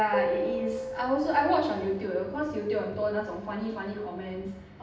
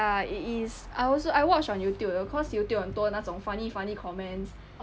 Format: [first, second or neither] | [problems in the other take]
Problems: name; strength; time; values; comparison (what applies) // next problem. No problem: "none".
second | background sound (Piano); 6 dB below the speech // room echo; dies away in 0.8 s